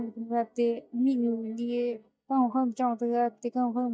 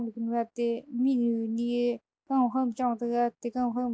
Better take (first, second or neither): second